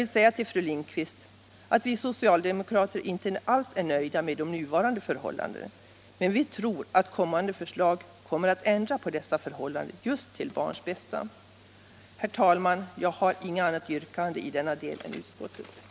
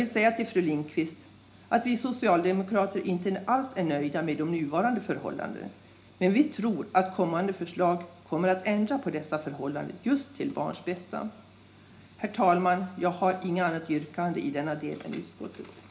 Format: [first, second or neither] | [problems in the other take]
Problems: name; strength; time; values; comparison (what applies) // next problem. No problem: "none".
first | room echo; dies away in 0.4 s